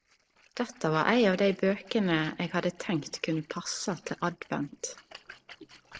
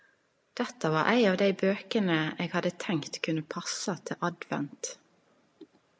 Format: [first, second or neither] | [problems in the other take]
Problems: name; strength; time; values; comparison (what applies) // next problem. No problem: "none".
second | noise reduction (neural separator model SepFormer DNS4)